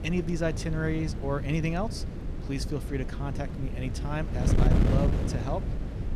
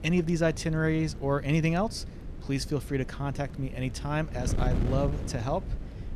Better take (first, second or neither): second